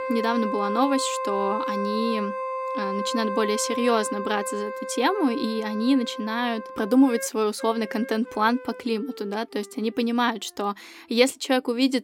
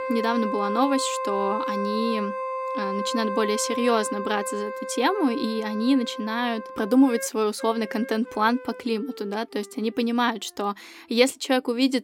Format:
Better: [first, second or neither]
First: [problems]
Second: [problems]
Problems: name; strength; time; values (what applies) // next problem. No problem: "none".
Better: neither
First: background music; loud; throughout; 6 dB below the speech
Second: background music; loud; throughout; 6 dB below the speech